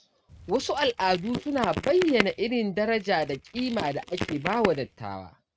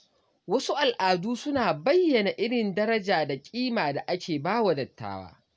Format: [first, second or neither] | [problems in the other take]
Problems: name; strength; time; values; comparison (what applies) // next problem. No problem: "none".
second | noise reduction (neural mask model RNNoise)